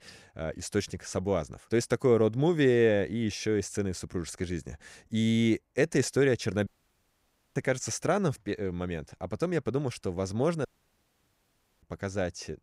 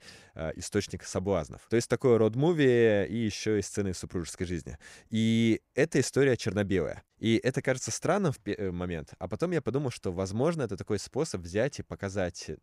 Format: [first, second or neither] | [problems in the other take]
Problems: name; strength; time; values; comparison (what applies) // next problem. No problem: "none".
second | audio cutting out; at 6.5 s for 1 s and at 11 s for 1 s